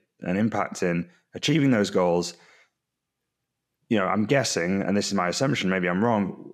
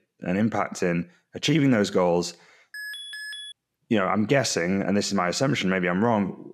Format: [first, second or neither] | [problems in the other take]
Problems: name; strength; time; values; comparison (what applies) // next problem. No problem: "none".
first | alarm; faint; at 2.5 s; peak 10 dB below the speech